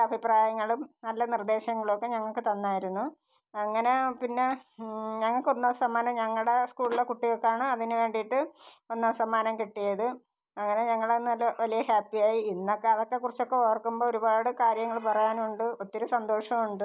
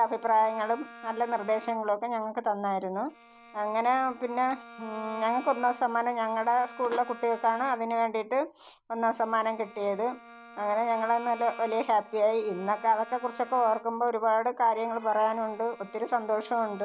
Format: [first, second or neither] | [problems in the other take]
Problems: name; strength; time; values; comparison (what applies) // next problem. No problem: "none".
first | background sound (Bowed string instrument); 20 dB below the speech